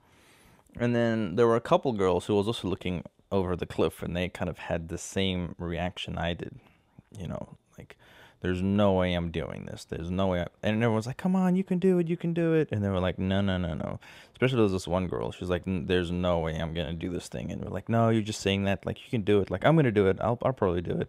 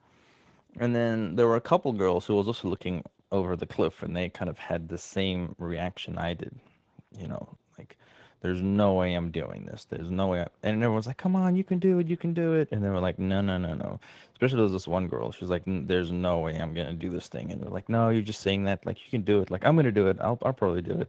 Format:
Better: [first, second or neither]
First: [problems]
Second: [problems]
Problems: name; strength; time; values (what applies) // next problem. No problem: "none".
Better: first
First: none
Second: garbled, watery; slightly; nothing above 7.5 kHz